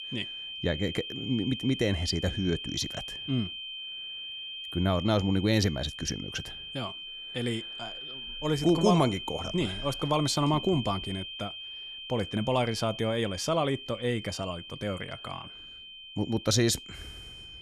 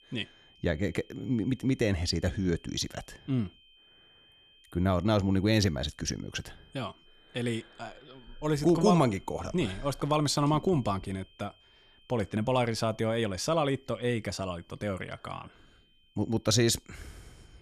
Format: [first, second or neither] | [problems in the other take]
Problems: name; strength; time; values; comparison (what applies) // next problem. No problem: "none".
second | high-pitched whine; loud; throughout; 3 kHz, 8 dB below the speech; faint in the second